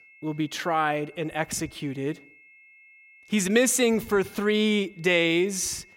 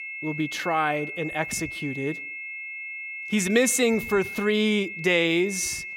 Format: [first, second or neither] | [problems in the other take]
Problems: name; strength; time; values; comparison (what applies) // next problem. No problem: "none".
first | high-pitched whine; loud; throughout; 2 kHz, 8 dB below the speech; faint in the first